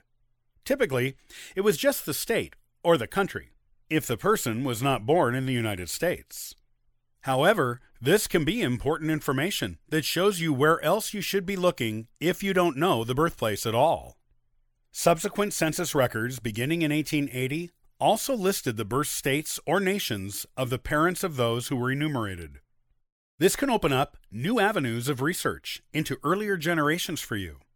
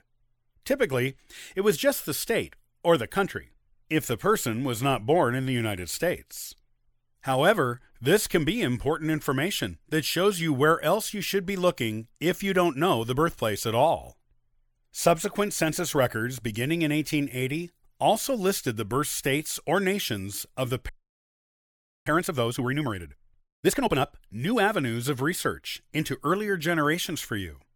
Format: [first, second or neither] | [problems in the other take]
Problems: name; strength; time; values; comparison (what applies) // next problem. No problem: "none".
first | audio freezing; at 21 s for 1 s